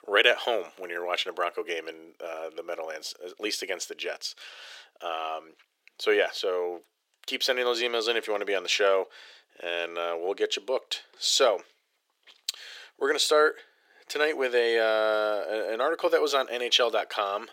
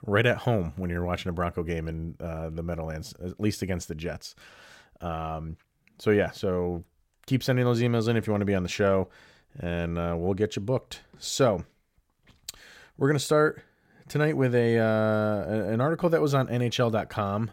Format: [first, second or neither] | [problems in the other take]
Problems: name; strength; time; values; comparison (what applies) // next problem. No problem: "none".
second | thin; very; fading below 400 Hz